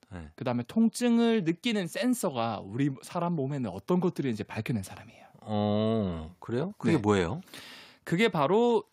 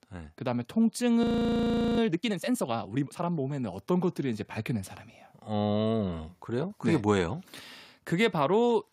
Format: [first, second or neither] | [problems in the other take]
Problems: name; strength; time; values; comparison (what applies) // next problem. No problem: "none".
first | audio freezing; at 1 s for 0.5 s